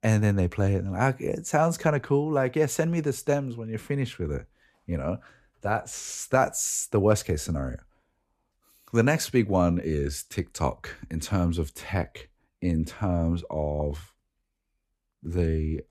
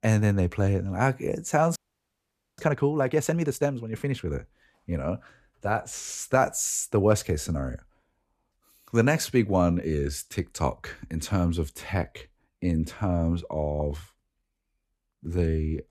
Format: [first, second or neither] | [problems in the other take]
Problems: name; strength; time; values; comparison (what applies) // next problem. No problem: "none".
first | audio freezing; at 2 s for 1 s